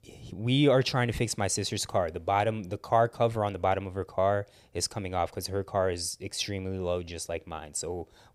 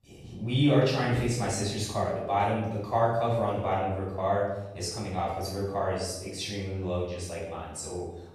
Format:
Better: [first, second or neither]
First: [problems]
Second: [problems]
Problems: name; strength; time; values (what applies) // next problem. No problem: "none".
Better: first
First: none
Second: off-mic speech; far // room echo; noticeable; dies away in 0.9 s